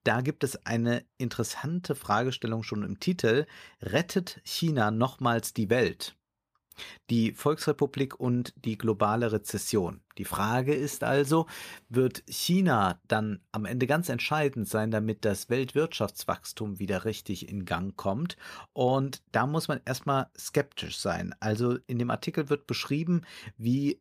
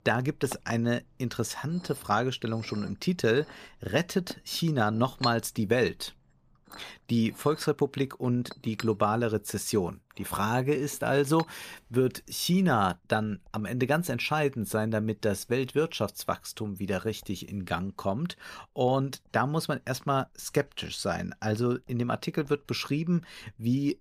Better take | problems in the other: first | household noises; noticeable; throughout; 15 dB below the speech

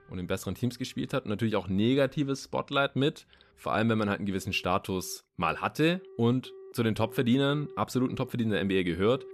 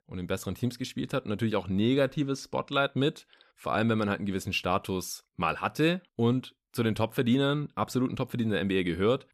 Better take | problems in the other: second | alarms or sirens; faint; throughout; 20 dB below the speech

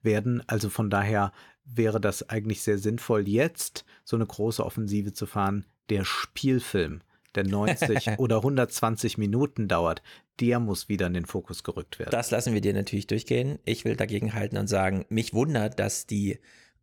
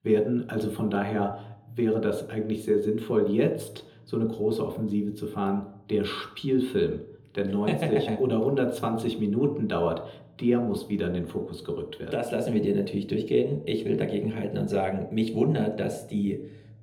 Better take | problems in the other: first | room echo; slight; dies away in 0.8 s // off-mic speech; somewhat distant

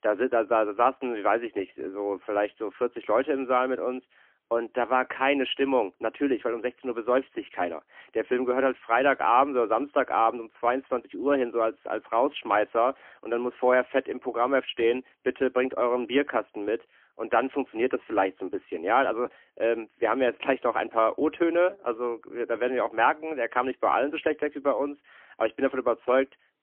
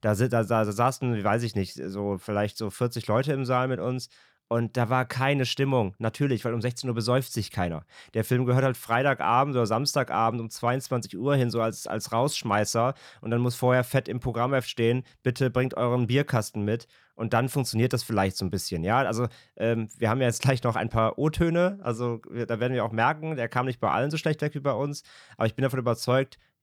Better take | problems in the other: second | phone-call audio; poor line; nothing above 3 kHz

